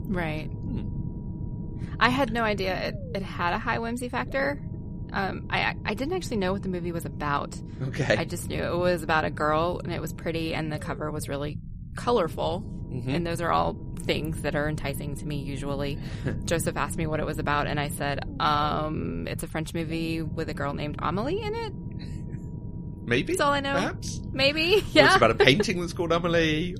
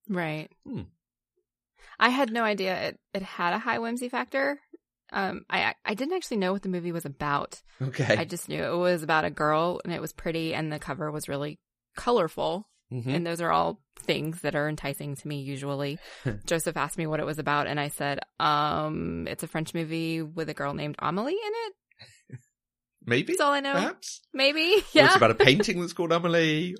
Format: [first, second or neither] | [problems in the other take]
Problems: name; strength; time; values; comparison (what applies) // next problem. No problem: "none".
second | low rumble; noticeable; throughout; 20 dB below the speech